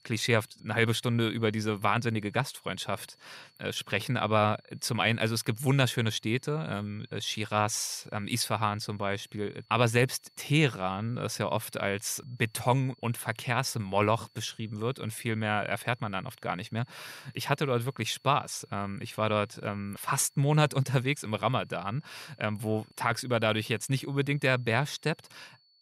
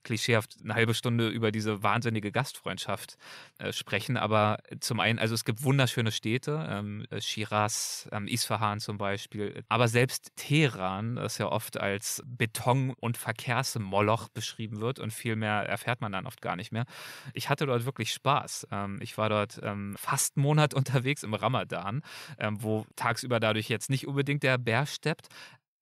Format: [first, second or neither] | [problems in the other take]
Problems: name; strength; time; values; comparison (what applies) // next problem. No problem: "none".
second | high-pitched whine; faint; throughout; 4.5 kHz, 35 dB below the speech